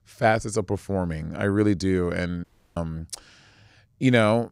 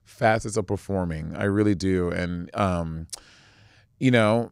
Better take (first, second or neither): second